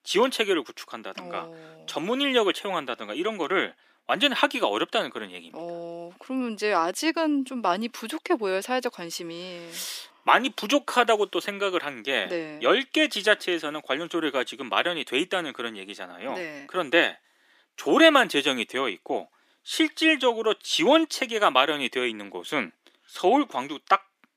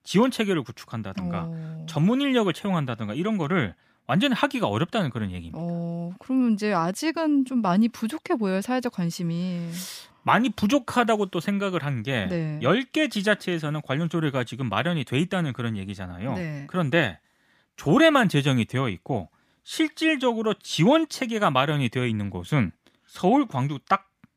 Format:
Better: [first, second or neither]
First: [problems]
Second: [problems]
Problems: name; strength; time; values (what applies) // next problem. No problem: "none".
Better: second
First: thin; somewhat; fading below 350 Hz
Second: none